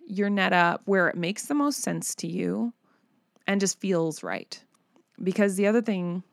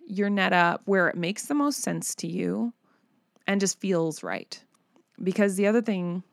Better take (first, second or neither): neither